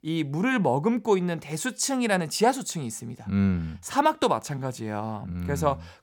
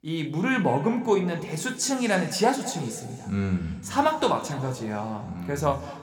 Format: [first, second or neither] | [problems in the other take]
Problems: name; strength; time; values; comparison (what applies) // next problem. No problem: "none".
first | room echo; slight; dies away in 1.7 s